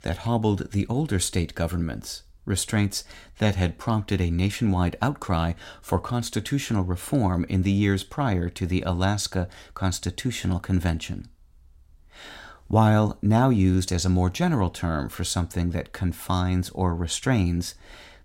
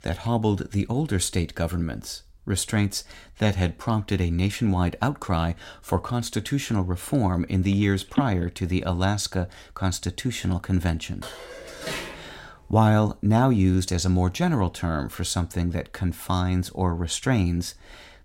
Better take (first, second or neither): first